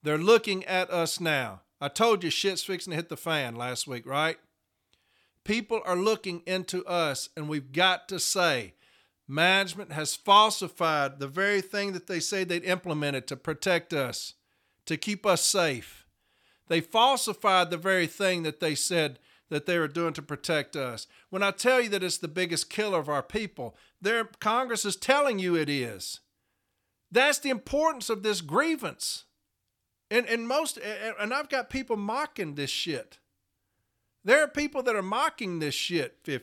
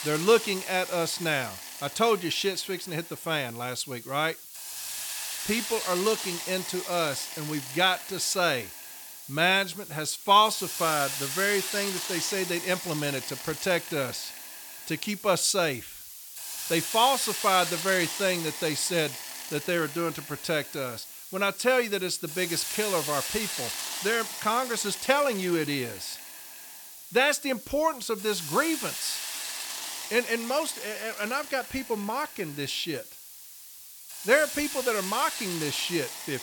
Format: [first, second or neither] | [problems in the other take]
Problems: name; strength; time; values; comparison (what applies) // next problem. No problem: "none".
first | hiss; loud; throughout; 7 dB below the speech